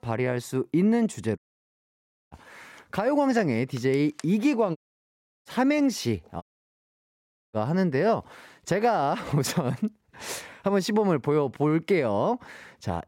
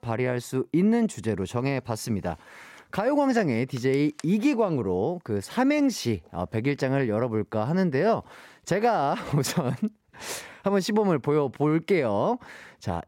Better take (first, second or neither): second